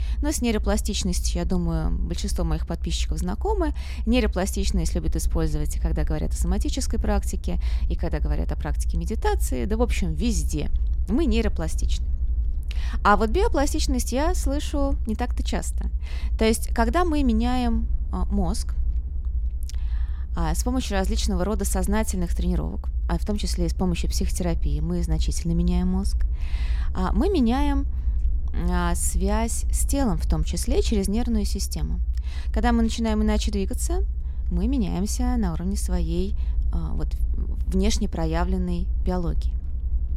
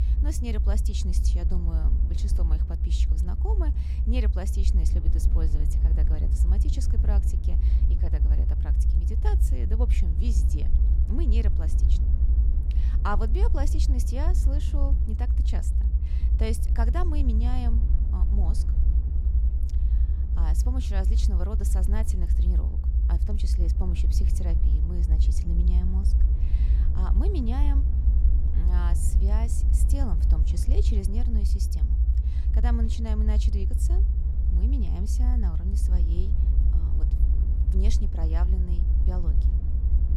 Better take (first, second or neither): first